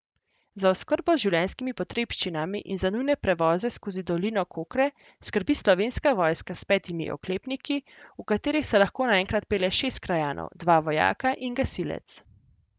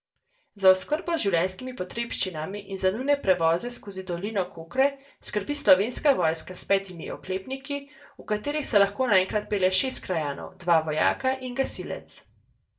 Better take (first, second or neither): first